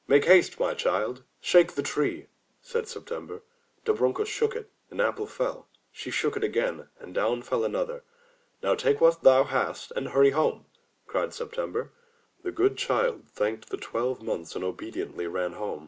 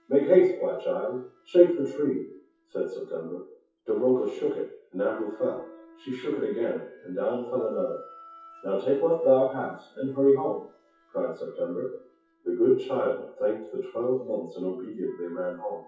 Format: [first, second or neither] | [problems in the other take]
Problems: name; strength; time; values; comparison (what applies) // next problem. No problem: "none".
first | noise reduction (classical method WPE with log-MMSE)